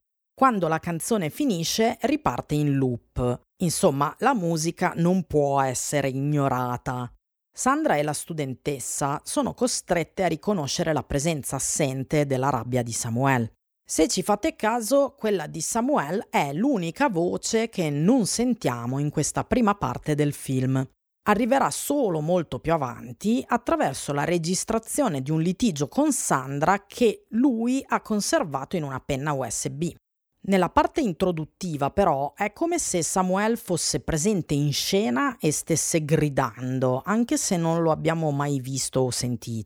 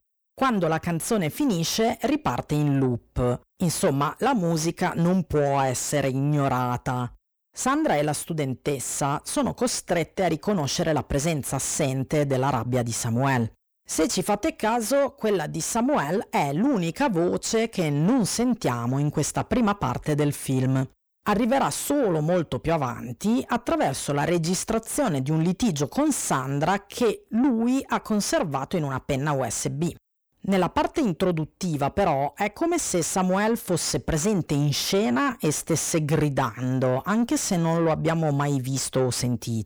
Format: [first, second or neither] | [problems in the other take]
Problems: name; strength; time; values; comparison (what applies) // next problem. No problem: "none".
first | distortion; slight; 10 dB below the speech